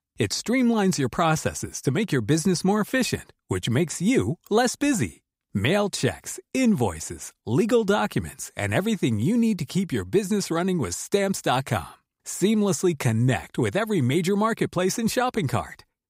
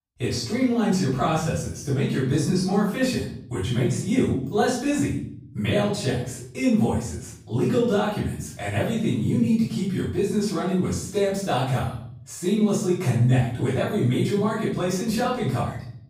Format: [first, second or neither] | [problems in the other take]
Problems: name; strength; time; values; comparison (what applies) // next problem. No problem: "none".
first | off-mic speech; far // room echo; noticeable; dies away in 0.6 s